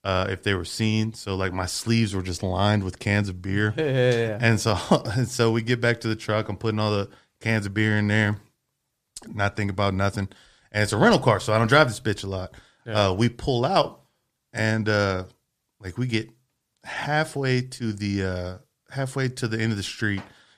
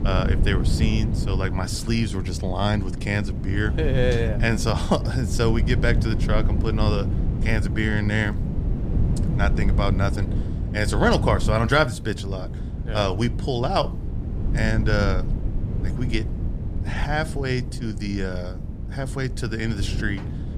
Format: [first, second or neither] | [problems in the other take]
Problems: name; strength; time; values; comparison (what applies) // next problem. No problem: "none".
first | wind noise on the microphone; occasional gusts; 10 dB below the speech